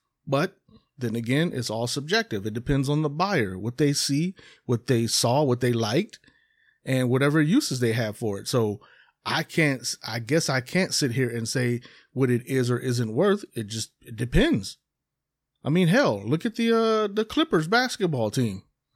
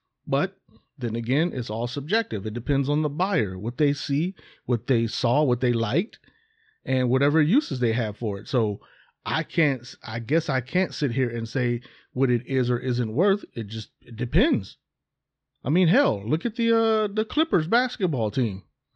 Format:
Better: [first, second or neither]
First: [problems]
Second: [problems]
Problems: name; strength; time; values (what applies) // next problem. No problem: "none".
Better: first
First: none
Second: muffled; slightly; fading above 4 kHz